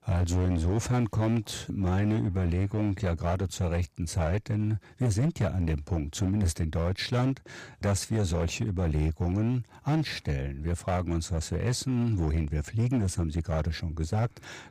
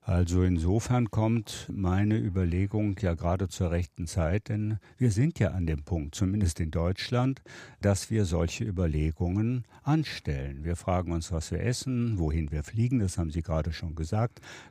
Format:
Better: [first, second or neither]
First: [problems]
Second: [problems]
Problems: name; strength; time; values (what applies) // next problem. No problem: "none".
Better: second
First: distortion; slight; 10% of the sound clipped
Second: none